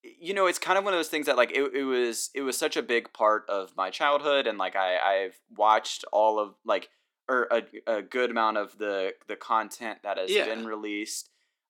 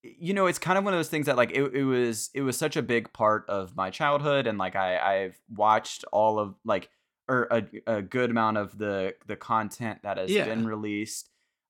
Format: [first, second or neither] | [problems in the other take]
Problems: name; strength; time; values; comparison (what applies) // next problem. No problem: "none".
second | thin; somewhat; fading below 300 Hz